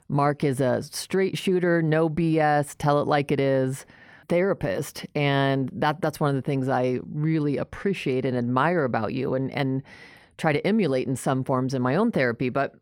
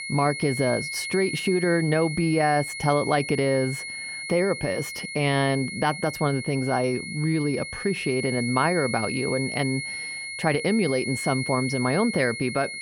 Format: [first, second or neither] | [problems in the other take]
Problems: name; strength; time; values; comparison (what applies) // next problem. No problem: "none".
first | high-pitched whine; loud; throughout; 2 kHz, 6 dB below the speech